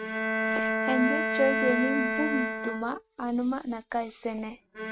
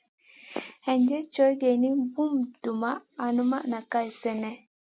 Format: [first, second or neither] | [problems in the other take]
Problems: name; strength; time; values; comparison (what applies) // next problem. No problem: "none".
second | noise reduction (neural mask model RNNoise)